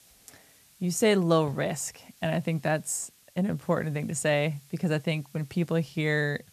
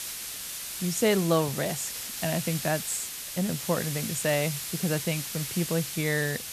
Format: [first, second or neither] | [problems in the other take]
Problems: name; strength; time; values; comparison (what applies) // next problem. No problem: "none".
first | hiss; loud; throughout; 4 dB below the speech; faint in the first